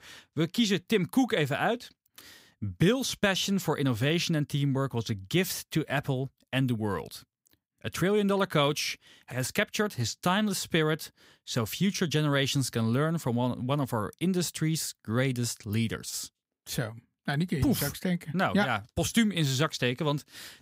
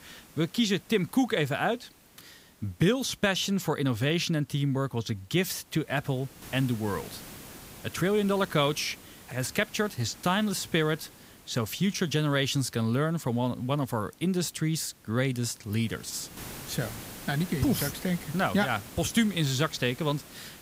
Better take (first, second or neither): first